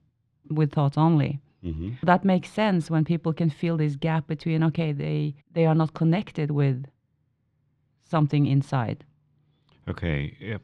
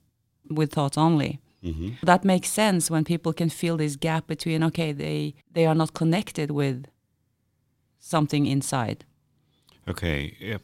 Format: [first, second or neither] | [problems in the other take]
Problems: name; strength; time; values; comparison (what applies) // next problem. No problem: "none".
second | muffled; slightly; fading above 3 kHz